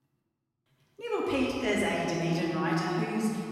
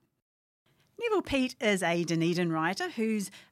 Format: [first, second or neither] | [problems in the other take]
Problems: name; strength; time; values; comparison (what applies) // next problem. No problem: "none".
second | room echo; strong; dies away in 2.8 s // off-mic speech; far